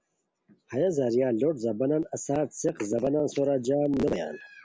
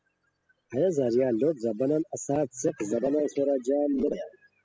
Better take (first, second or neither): first